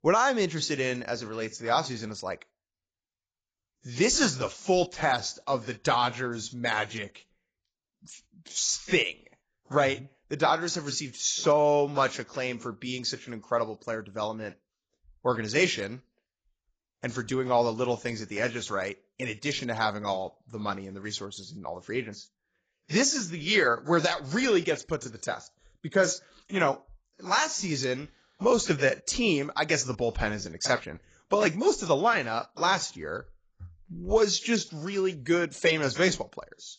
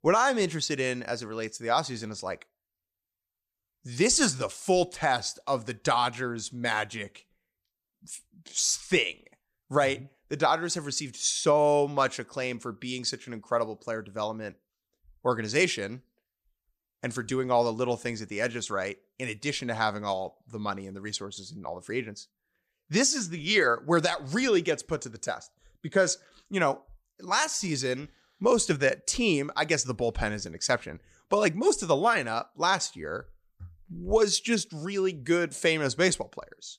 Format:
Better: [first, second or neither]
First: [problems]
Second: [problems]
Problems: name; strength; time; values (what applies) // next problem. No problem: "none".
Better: second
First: garbled, watery; badly; nothing above 7.5 kHz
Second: none